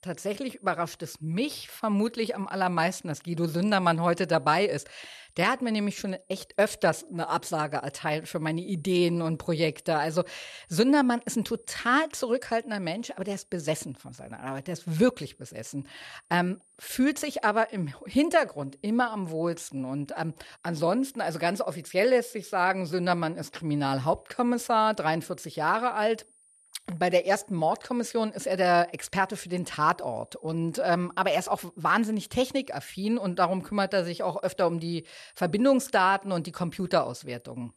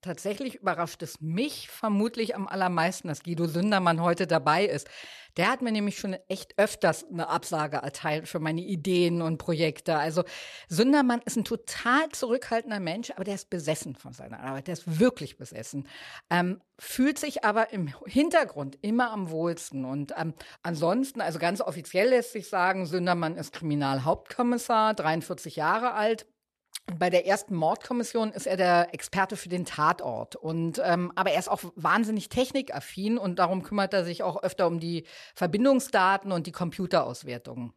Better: second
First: high-pitched whine; faint; throughout; 9.5 kHz, 35 dB below the speech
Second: none

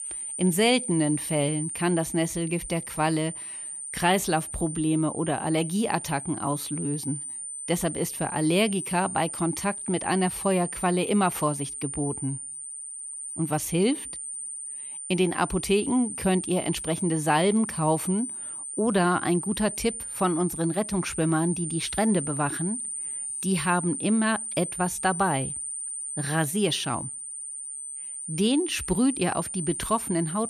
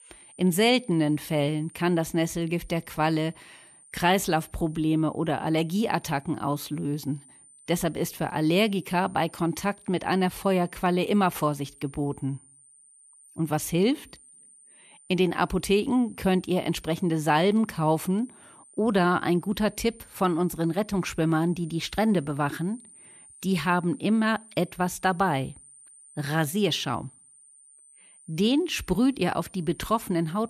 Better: second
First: high-pitched whine; loud; throughout; 9 kHz, 6 dB below the speech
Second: high-pitched whine; faint; throughout; 9 kHz, 25 dB below the speech

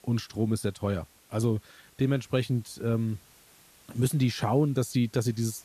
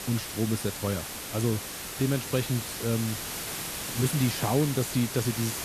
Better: first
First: hiss; faint; throughout; 25 dB below the speech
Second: hiss; loud; throughout; 4 dB below the speech

